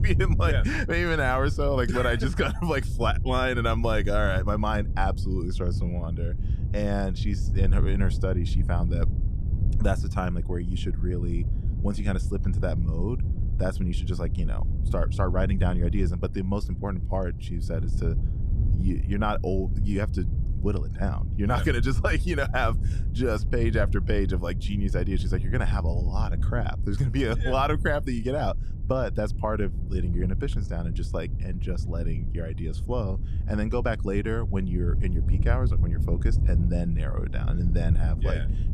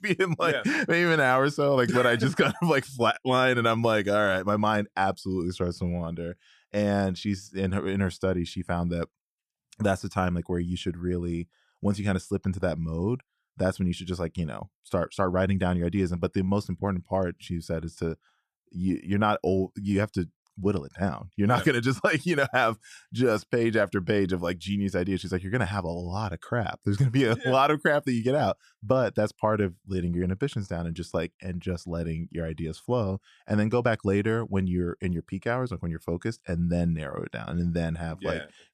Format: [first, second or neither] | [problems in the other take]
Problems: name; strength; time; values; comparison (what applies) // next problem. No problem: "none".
second | wind noise on the microphone; occasional gusts; 15 dB below the speech